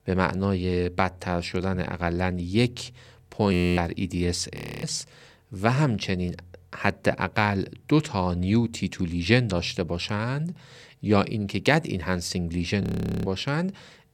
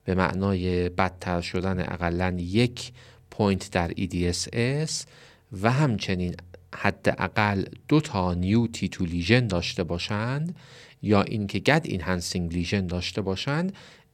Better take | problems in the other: second | audio freezing; at 3.5 s, at 4.5 s and at 13 s

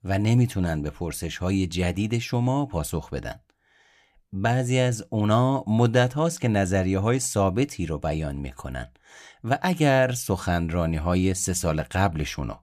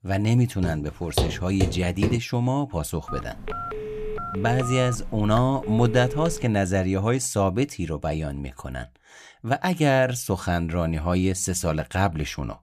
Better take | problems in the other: first | footsteps; noticeable; from 0.5 to 2 s; peak 2 dB below the speech // phone ringing; noticeable; from 3 to 6.5 s; peak 7 dB below the speech

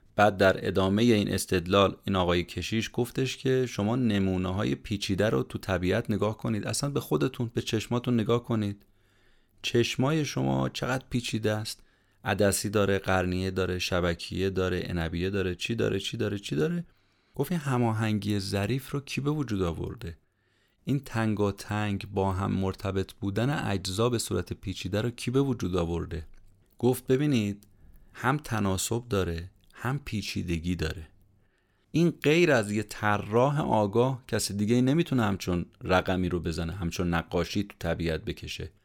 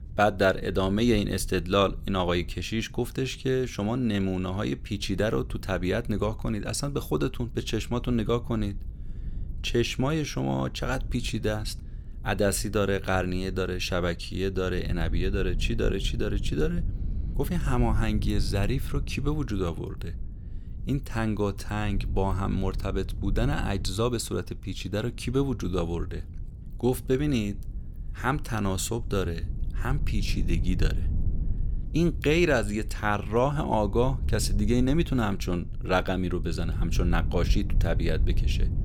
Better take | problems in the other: first | low rumble; faint; throughout; 20 dB below the speech

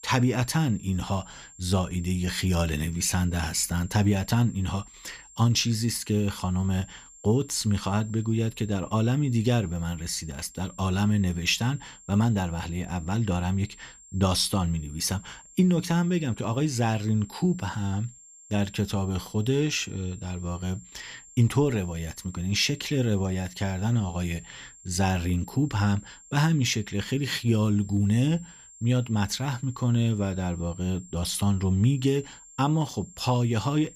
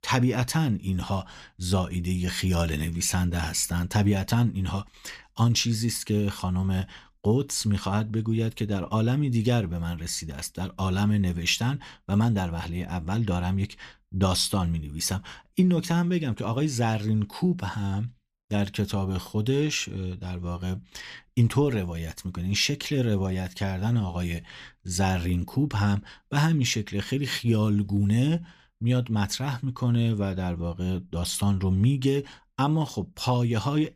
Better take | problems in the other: second | high-pitched whine; faint; throughout; 7.5 kHz, 20 dB below the speech

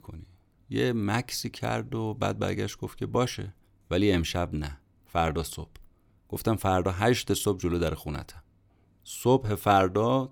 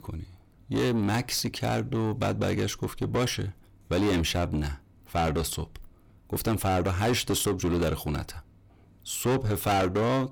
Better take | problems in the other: first | distortion; heavy; 7 dB below the speech

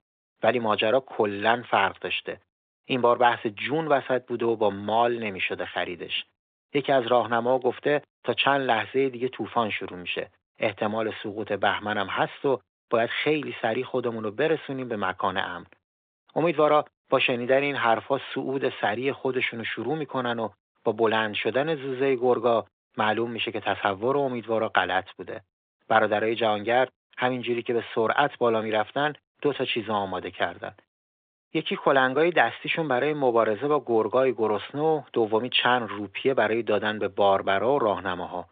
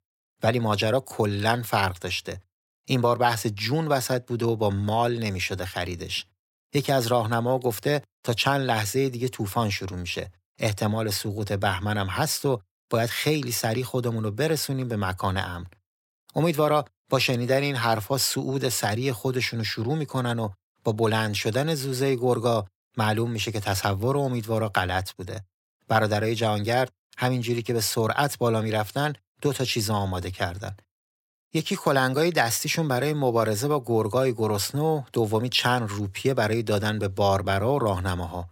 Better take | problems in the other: second | phone-call audio; nothing above 3.5 kHz

